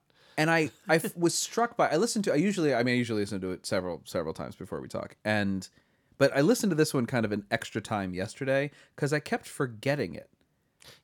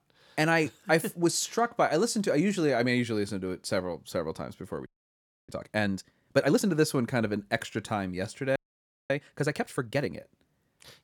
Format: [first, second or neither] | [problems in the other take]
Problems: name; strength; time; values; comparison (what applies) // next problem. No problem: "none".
first | audio freezing; at 5 s for 0.5 s and at 8.5 s for 0.5 s